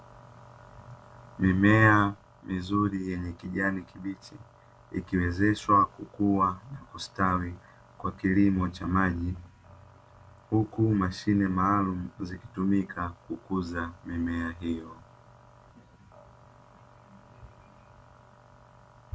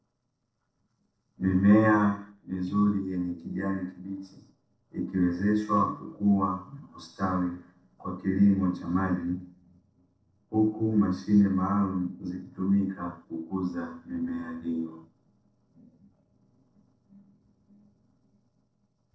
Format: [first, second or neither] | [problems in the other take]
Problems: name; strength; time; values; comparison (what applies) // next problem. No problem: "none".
first | noise reduction (neural separator model SepFormer DNS4)